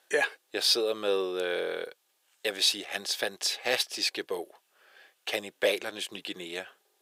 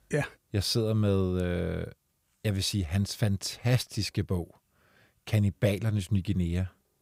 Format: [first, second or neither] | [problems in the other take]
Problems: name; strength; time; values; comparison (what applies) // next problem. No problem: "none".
second | thin; very; fading below 400 Hz